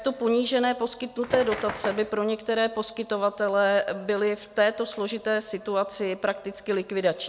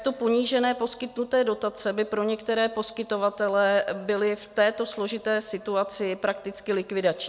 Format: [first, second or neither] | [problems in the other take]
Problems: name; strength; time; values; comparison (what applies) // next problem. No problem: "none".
second | background sound (Bird); 7 dB below the speech